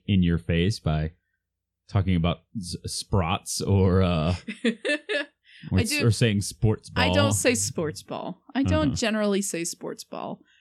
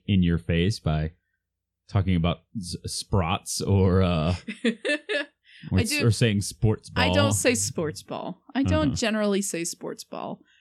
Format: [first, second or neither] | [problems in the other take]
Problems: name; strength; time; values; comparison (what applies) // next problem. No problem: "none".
neither | none